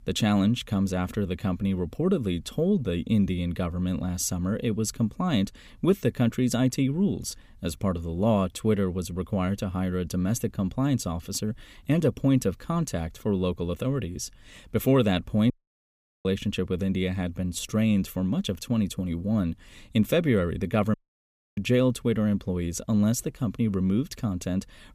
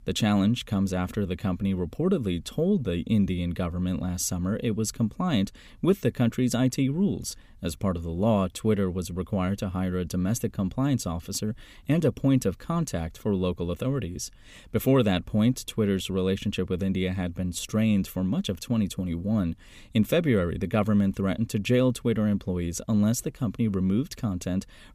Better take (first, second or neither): second